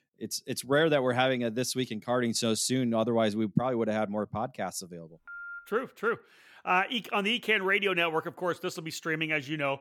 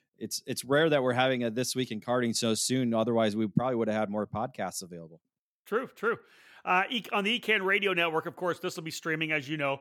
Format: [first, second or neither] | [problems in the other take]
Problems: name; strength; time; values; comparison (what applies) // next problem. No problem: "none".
second | phone ringing; faint; at 5.5 s; peak 10 dB below the speech